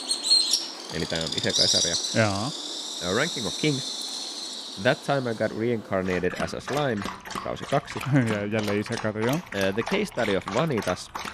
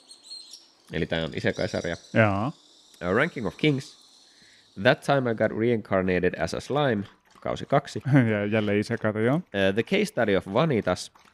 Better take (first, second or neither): second